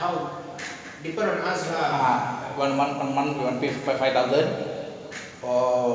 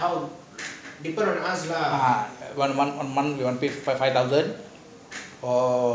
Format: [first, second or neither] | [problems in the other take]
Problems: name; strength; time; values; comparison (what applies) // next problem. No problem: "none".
second | room echo; dies away in 2.5 s